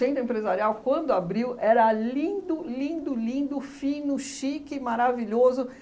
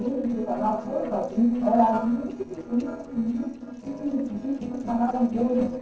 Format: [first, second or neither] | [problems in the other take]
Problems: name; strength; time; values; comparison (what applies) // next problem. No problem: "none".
first | noise reduction (neural separator model SepFormer DNS4)